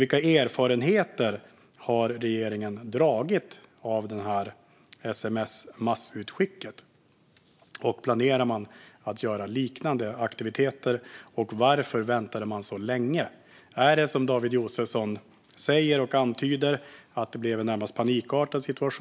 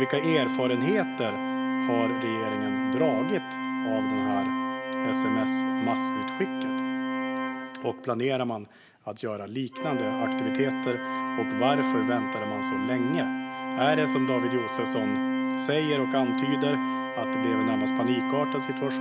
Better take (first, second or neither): first